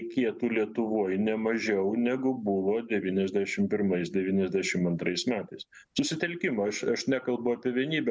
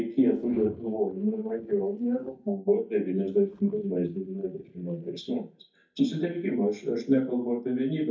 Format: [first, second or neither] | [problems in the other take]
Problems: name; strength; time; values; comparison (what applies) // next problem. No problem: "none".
first | noise reduction (neural mask model DeepFilterNet 3)